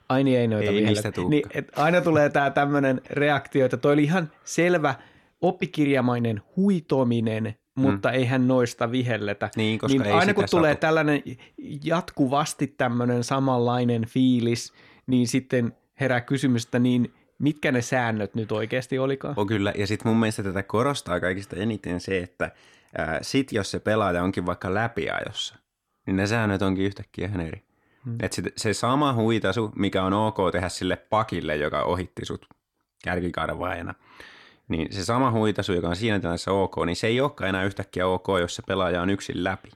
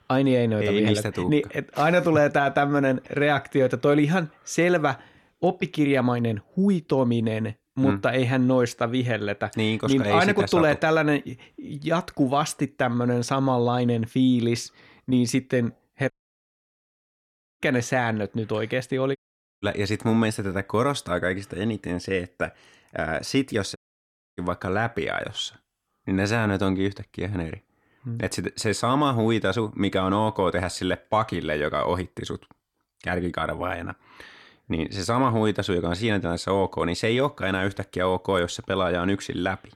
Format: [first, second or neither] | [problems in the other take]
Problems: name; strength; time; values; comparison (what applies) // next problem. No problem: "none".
first | audio cutting out; at 16 s for 1.5 s, at 19 s and at 24 s for 0.5 s